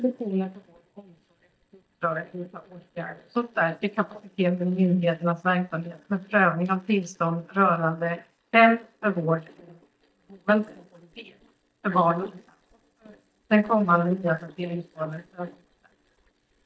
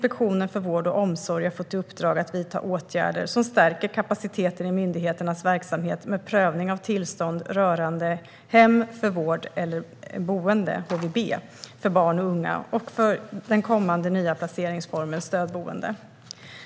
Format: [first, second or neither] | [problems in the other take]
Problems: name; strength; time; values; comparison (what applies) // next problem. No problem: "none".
second | noise reduction (neural mask model DeepFilterNet 3)